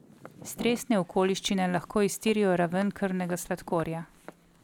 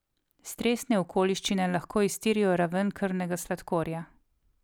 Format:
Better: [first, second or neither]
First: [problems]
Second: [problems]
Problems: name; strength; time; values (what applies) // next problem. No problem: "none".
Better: second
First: background sound (Walk, footsteps); 20 dB below the speech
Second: none